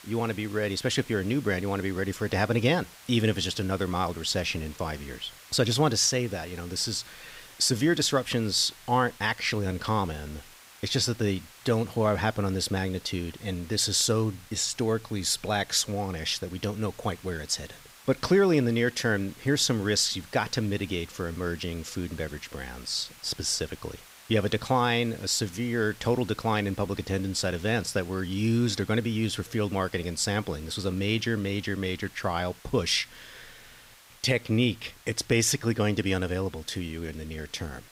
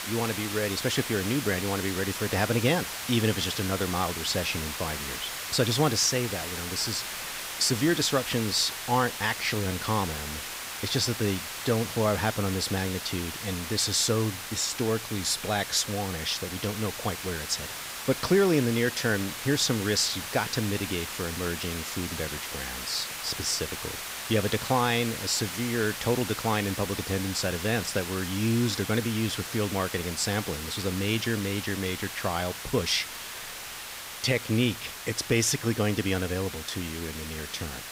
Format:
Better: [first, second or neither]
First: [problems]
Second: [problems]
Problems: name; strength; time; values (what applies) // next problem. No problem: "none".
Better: first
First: hiss; faint; throughout; 20 dB below the speech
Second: hiss; loud; throughout; 6 dB below the speech